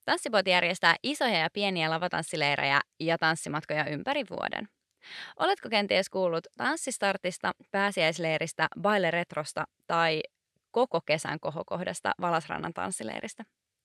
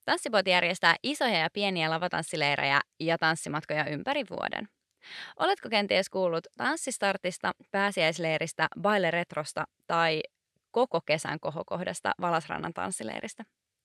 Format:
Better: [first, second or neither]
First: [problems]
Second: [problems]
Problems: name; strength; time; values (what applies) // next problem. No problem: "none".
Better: neither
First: none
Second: none